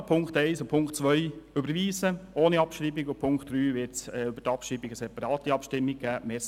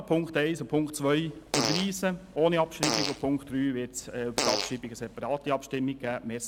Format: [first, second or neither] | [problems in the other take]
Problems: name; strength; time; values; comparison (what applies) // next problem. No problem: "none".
first | background sound (Fart); 4 dB below the speech